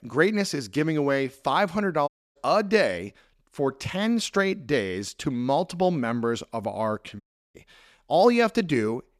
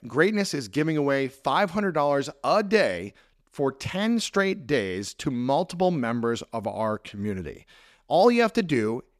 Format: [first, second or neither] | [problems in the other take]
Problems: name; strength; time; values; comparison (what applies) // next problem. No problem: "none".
second | audio cutting out; at 2 s and at 7 s